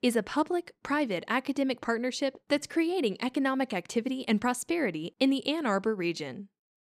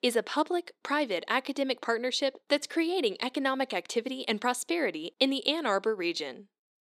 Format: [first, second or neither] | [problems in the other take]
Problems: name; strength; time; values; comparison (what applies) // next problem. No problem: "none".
first | thin; very slightly; fading below 400 Hz